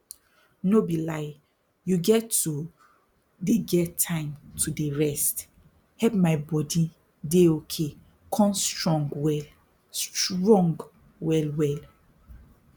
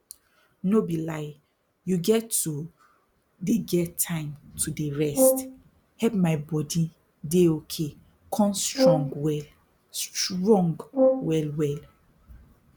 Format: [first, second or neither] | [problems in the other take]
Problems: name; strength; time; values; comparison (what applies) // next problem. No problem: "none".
first | background sound (Brass instrument); 1 dB below the speech